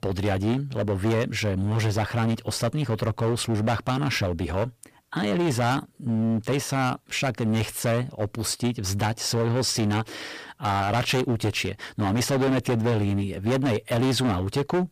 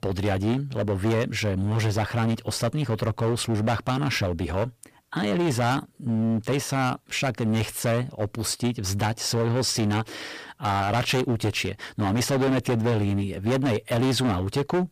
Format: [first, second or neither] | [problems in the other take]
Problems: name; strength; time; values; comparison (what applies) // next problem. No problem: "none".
neither | distortion; heavy; 18% of the sound clipped; the same in both